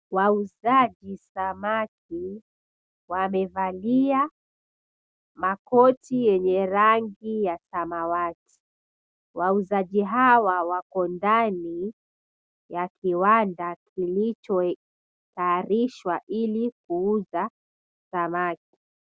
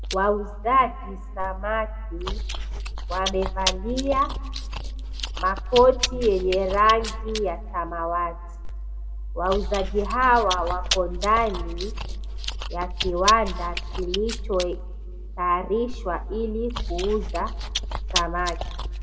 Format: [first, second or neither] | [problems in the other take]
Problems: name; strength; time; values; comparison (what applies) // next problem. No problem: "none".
first | background sound (Chewing, mastication); 4 dB below the speech // room echo; dies away in 1.3 s